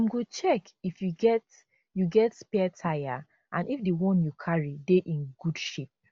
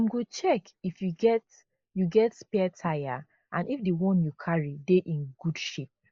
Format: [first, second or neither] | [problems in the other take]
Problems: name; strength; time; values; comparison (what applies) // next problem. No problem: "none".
first | noise reduction (neural mask model Resemble Enhance denoiser)